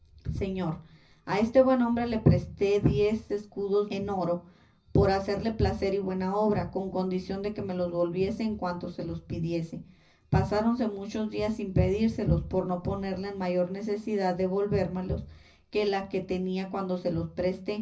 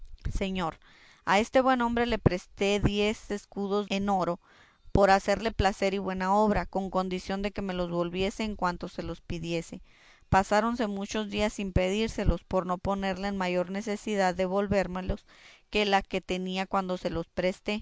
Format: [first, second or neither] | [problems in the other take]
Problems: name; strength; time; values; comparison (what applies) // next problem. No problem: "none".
second | room echo; dies away in 0.4 s